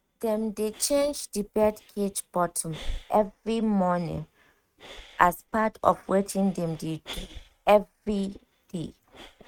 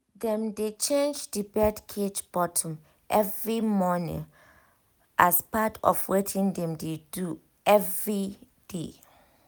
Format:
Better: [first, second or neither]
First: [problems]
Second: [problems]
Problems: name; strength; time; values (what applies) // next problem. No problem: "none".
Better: second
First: noise reduction (neural mask model RNNoise)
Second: none